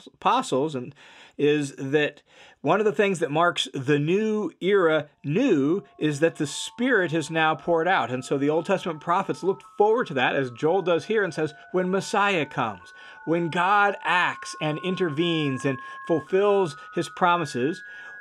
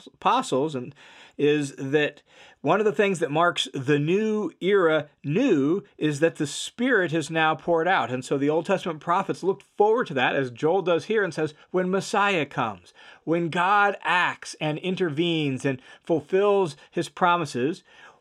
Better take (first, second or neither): second